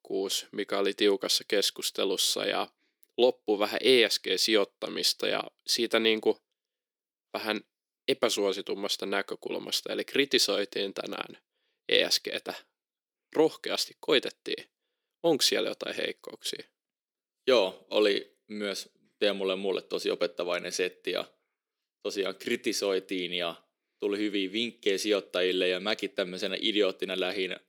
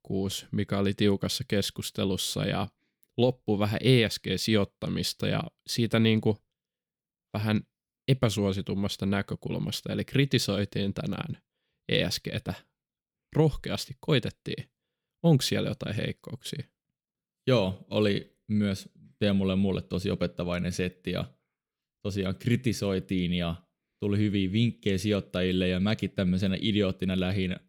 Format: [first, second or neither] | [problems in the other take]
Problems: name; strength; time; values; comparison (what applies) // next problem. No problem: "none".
second | thin; somewhat; fading below 350 Hz